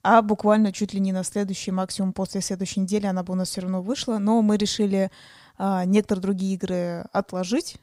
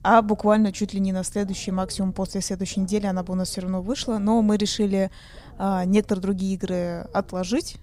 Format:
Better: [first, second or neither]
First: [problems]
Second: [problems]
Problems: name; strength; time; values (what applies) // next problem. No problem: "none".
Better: first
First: none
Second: low rumble; faint; throughout; 25 dB below the speech